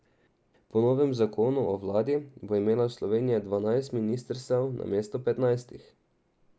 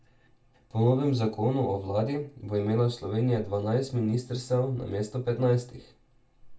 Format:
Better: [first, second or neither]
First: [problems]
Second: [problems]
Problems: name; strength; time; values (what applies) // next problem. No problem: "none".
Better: first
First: none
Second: room echo; dies away in 0.2 s